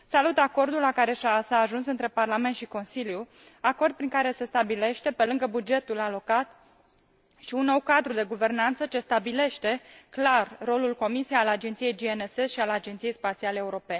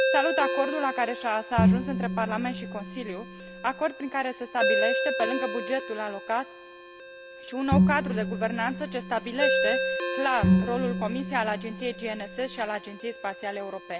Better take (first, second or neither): first